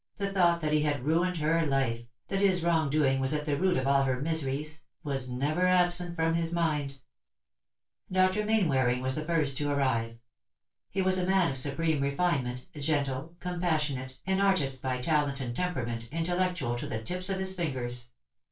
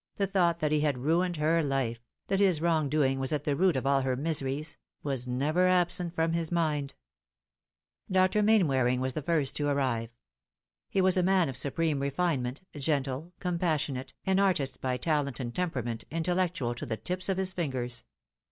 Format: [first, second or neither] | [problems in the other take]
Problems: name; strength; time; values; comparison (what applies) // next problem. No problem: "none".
second | room echo; dies away in 0.2 s